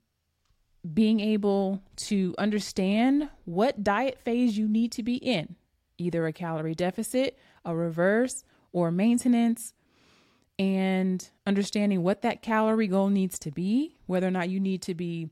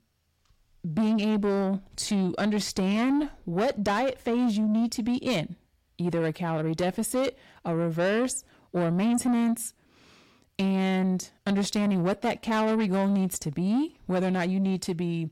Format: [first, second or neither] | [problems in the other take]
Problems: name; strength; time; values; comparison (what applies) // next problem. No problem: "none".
first | distortion; slight; 10 dB below the speech